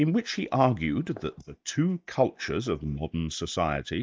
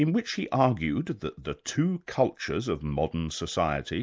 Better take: second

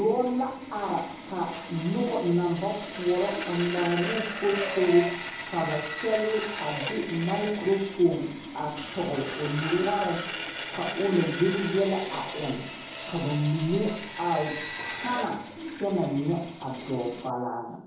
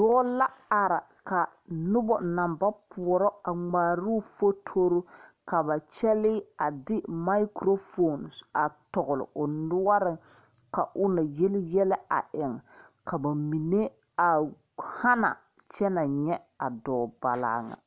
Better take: second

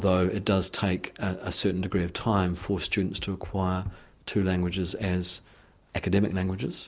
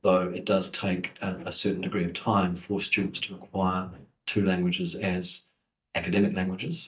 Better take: first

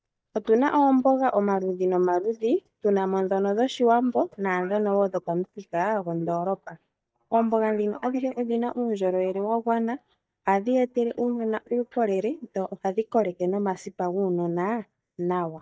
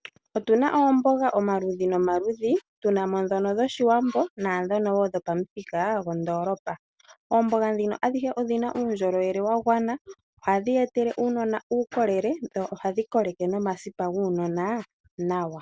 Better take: second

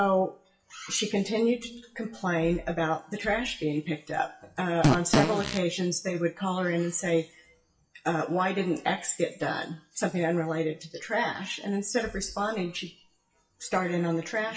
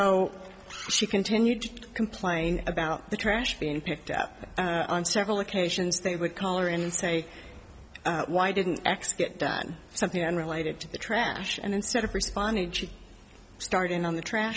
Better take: second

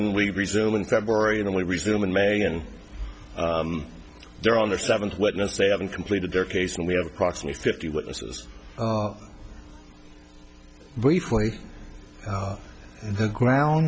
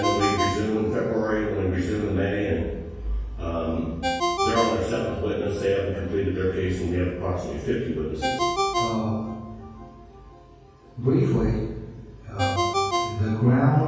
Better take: first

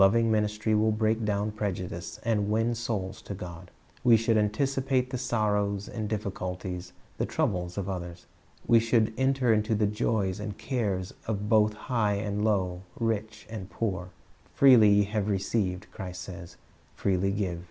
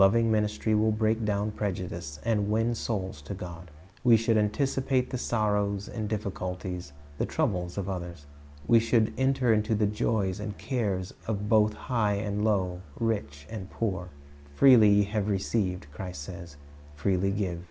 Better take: first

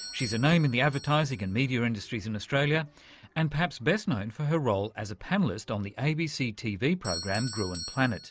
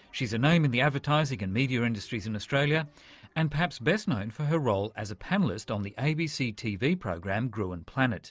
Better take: second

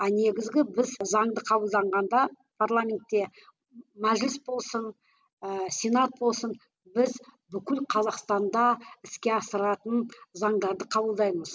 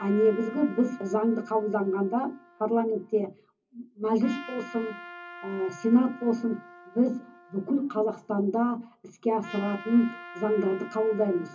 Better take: first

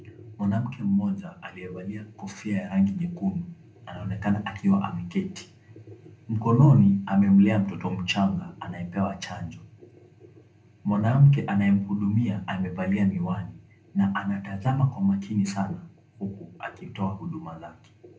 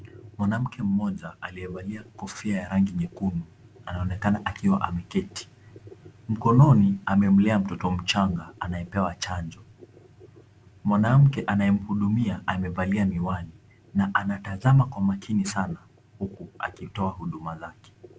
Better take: second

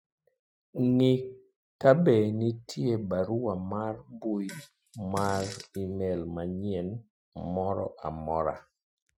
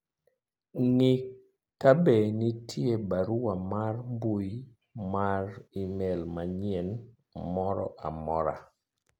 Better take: second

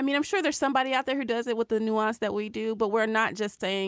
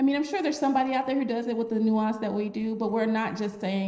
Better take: first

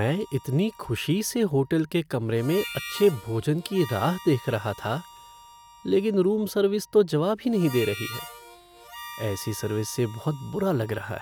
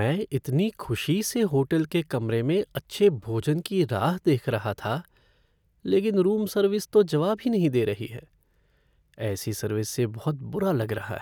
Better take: second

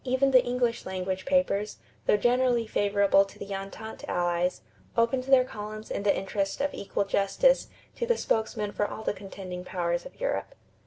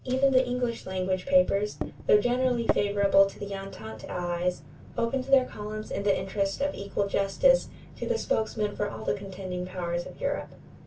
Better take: first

